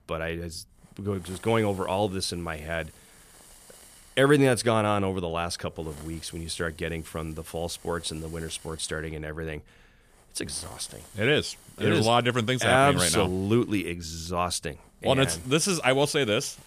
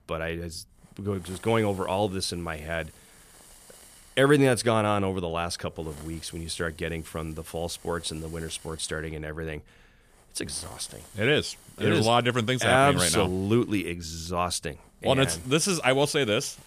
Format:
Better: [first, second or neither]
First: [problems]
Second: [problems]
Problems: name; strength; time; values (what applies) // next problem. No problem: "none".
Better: neither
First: hiss; faint; throughout; 25 dB below the speech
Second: hiss; faint; throughout; 25 dB below the speech